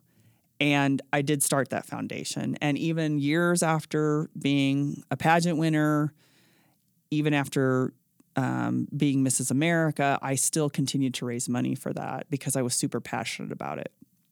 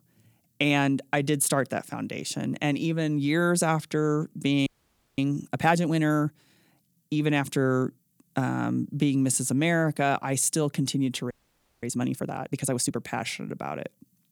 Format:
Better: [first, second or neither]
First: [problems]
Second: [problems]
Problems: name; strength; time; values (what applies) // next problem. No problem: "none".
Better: first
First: none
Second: audio freezing; at 4.5 s for 0.5 s and at 11 s for 0.5 s